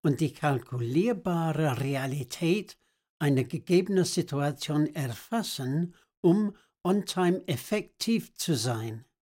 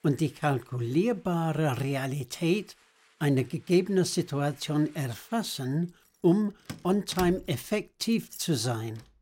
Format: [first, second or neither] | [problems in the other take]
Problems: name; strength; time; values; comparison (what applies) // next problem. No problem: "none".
first | household noises; noticeable; throughout; 20 dB below the speech